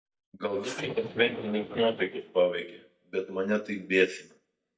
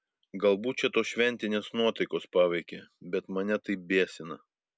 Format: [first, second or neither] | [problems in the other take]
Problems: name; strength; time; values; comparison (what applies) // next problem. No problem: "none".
second | noise reduction (neural mask model DeepFilterNet 3)